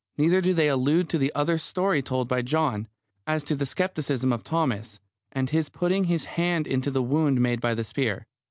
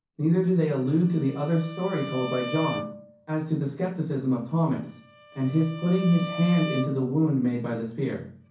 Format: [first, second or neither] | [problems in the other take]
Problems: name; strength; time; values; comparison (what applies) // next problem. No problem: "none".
first | background sound (Bowed string instrument); 14 dB below the speech // room echo; dies away in 0.6 s